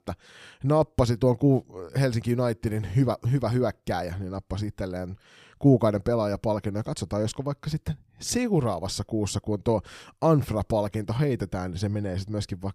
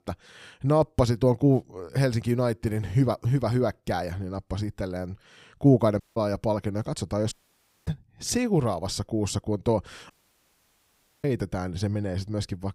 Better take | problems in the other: first | audio cutting out; at 6 s, at 7.5 s for 0.5 s and at 10 s for 1 s

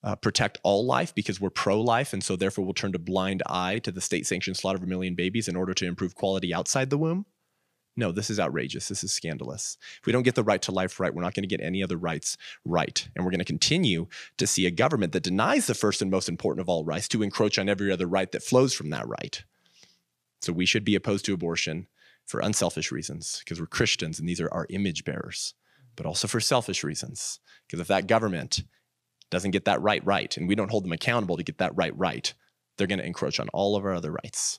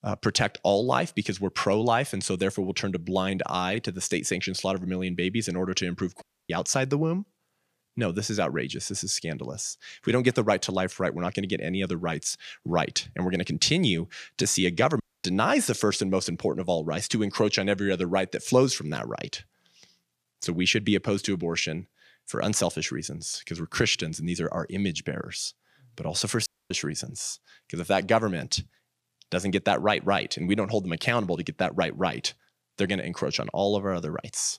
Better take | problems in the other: first | audio cutting out; at 6 s, at 15 s and at 26 s

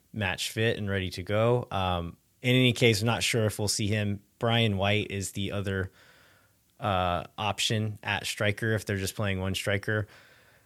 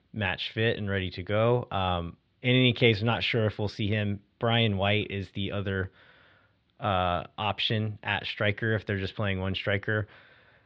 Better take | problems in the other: first | muffled; slightly; fading above 4 kHz

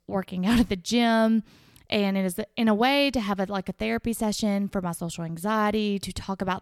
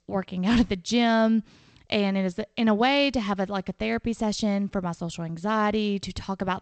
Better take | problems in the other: first | garbled, watery; slightly; nothing above 8 kHz

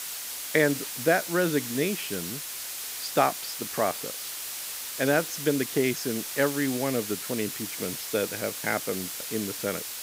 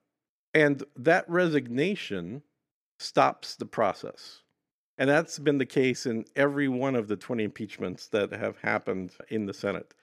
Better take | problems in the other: second | hiss; loud; throughout; 5 dB below the speech

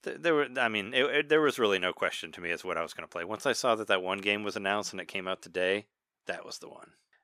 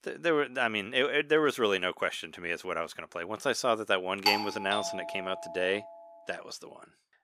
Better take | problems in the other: first | doorbell; loud; at 4.5 s; peak 2 dB above the speech

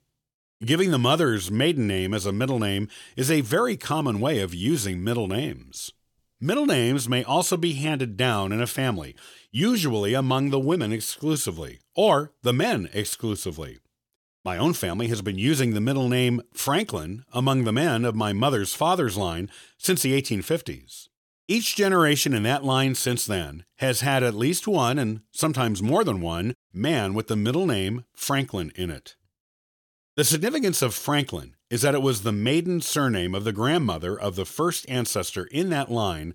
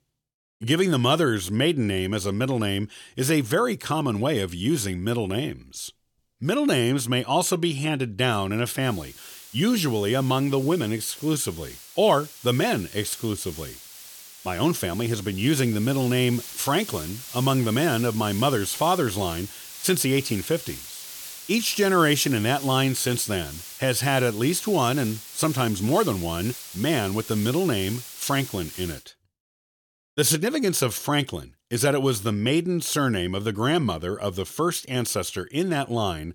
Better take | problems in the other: first | hiss; noticeable; from 9 to 29 s; 15 dB below the speech

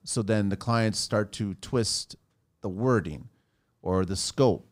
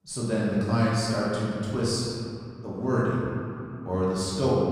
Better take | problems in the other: first | room echo; strong; dies away in 2.5 s // off-mic speech; far

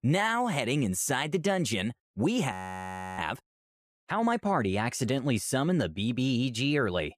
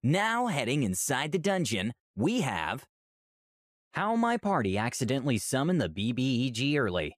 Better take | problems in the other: second | audio freezing; at 2.5 s for 0.5 s

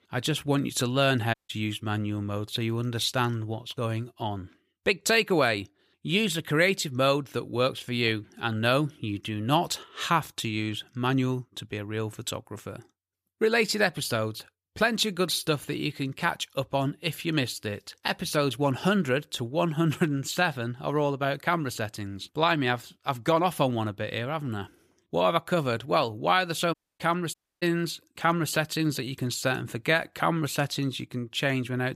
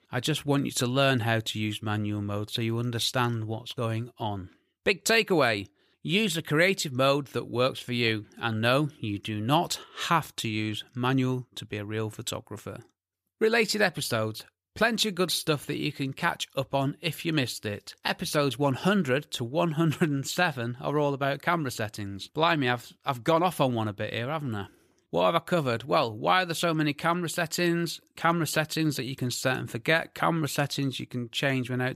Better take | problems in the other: second | audio cutting out; at 1.5 s and at 27 s

